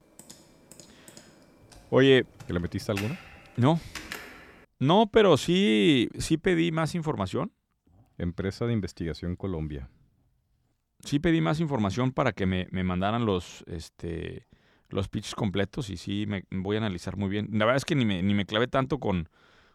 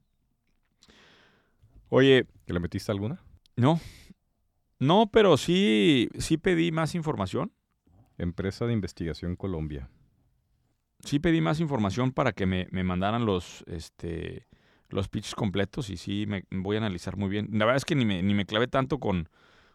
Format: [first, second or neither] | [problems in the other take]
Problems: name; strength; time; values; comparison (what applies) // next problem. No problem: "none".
second | keyboard typing; faint; until 4.5 s; peak 10 dB below the speech